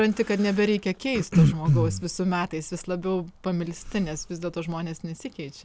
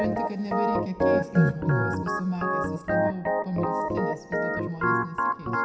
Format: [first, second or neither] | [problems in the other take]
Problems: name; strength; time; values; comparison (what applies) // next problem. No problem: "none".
first | background sound (Organ); 3 dB above the speech // room echo; dies away in 0.7 s